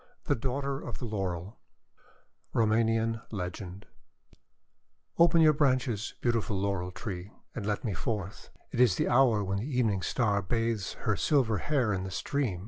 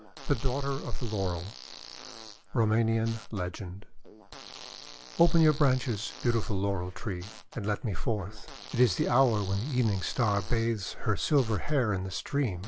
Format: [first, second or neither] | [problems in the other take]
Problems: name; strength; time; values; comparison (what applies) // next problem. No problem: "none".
first | background sound (Fart); 19 dB below the speech